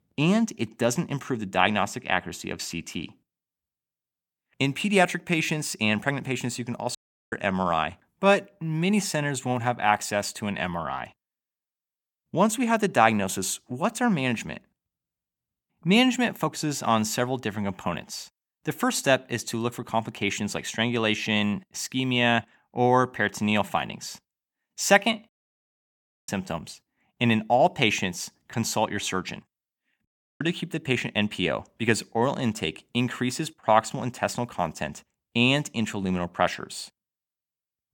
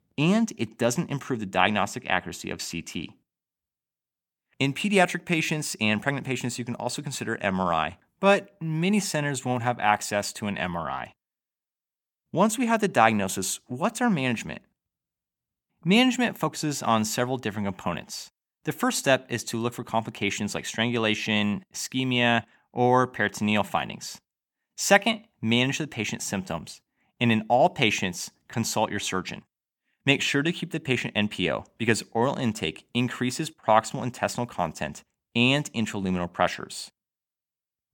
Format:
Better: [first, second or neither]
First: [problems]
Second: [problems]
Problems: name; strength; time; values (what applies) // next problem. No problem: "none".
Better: second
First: audio cutting out; at 7 s, at 25 s for 1 s and at 30 s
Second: none